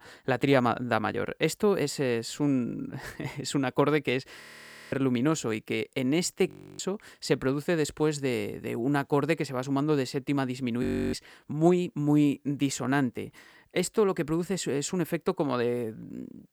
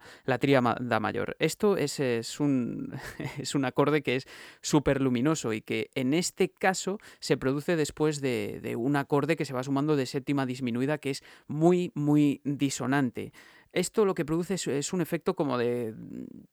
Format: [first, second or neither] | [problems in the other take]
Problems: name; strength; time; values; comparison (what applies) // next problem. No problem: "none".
second | audio freezing; at 4.5 s for 0.5 s, at 6.5 s and at 11 s